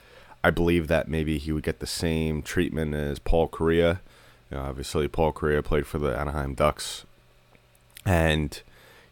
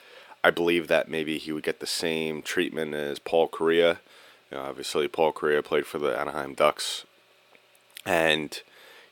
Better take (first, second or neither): first